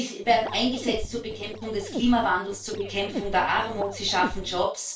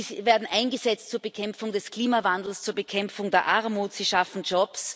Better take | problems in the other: second | noise reduction (neural separator model SepFormer DNS4)

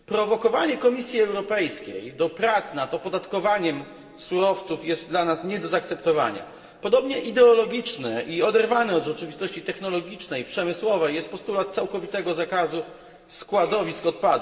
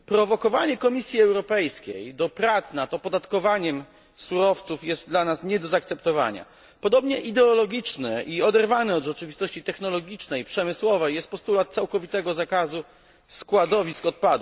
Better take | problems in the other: second | room echo; dies away in 1.9 s

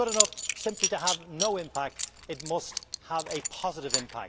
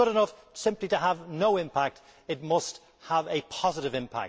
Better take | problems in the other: second | background sound (Coin (dropping) / Zipper (clothing)); as loud as the speech

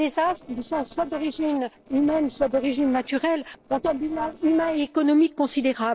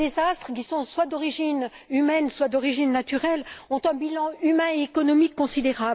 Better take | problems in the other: second | noise reduction (neural separator model SepFormer DNS4)

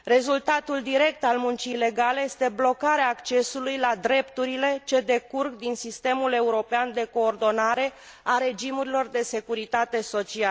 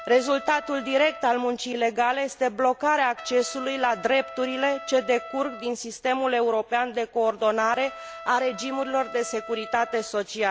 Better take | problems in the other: first | background sound (Trumpet); 16 dB below the speech

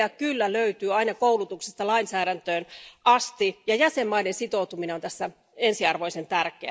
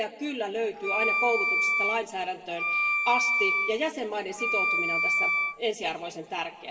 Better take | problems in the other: first | background sound (Wind instrument, woodwind instrument); 4 dB above the speech // room echo; dies away in 2.3 s

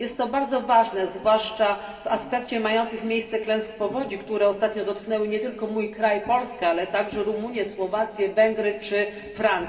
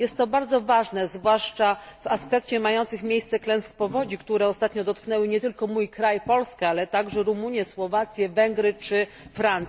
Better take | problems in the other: second | room echo; dies away in 2.3 s

